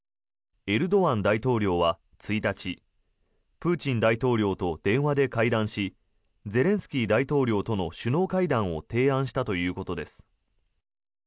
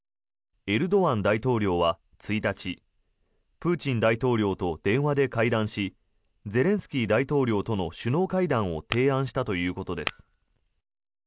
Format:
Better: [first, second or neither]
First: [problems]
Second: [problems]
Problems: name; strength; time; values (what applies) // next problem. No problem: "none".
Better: first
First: none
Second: background sound (Tap / Glass); 11 dB below the speech